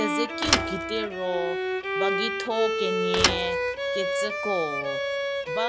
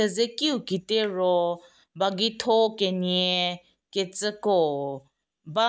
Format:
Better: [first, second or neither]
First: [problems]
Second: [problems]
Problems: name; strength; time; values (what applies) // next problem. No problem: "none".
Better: second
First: background sound (Bowed string instrument + Thump, thud); 4 dB above the speech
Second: none